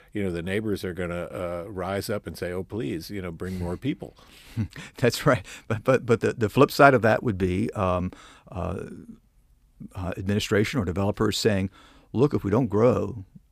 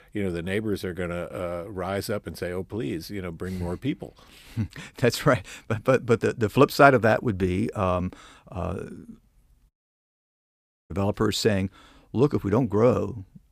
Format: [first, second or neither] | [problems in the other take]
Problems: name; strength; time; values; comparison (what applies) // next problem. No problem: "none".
first | audio cutting out; at 9.5 s for 1 s